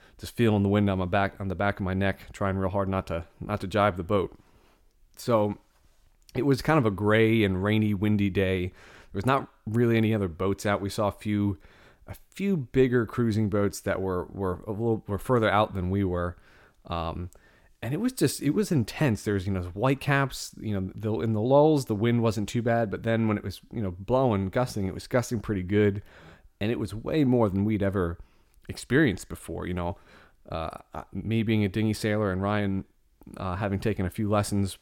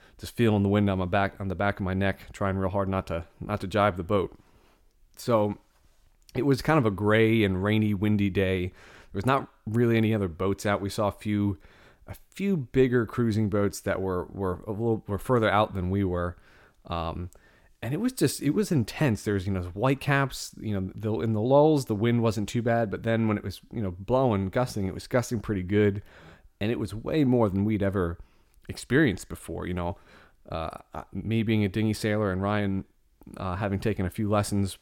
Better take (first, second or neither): neither